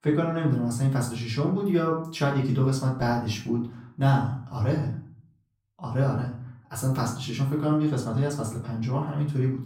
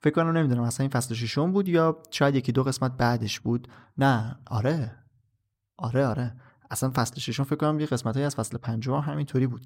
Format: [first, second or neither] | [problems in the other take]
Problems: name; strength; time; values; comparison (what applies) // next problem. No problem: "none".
second | off-mic speech; far // room echo; slight; dies away in 0.4 s